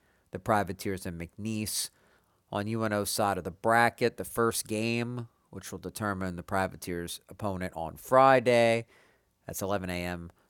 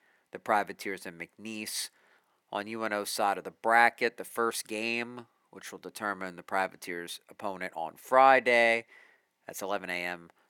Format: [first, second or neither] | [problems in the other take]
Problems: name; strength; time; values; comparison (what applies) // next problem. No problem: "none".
first | thin; somewhat; fading below 300 Hz